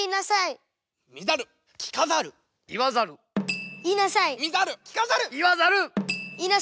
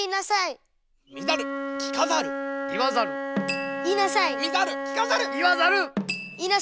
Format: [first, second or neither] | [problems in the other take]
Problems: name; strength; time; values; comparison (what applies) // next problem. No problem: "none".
first | background sound (Wind instrument, woodwind instrument); 5 dB below the speech